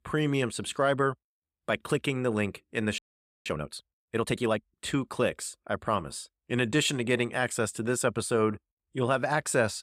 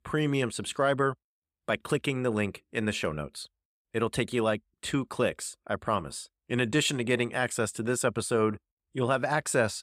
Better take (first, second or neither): second